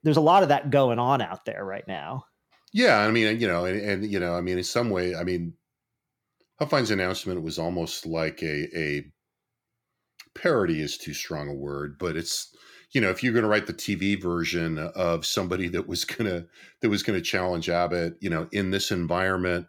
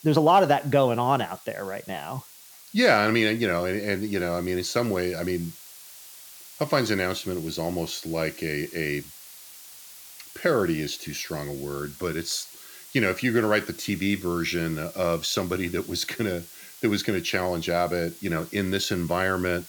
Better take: first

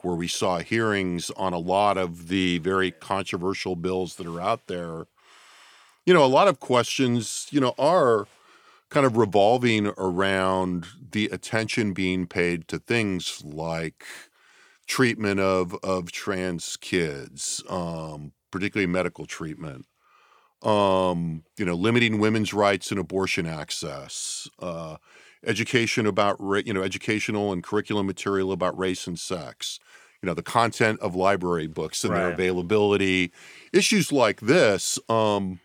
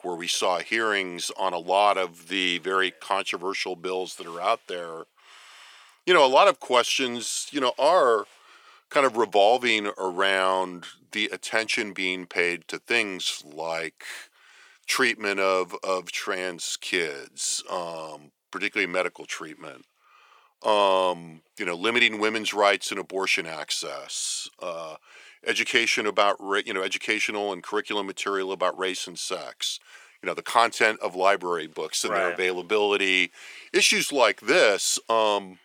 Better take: first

